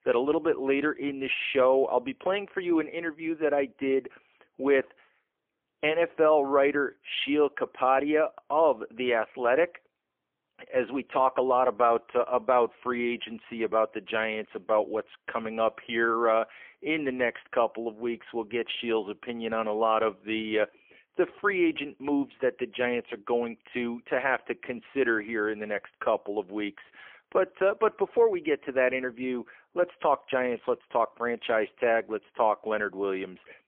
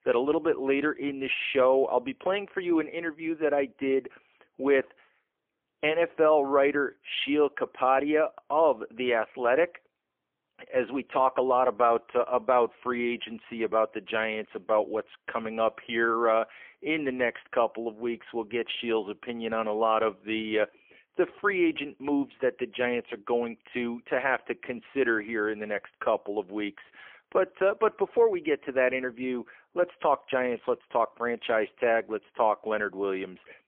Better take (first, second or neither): neither